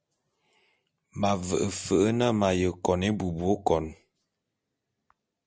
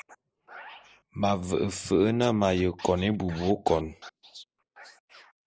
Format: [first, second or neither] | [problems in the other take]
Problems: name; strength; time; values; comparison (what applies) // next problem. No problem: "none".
first | noise reduction (neural mask model Resemble Enhance denoiser)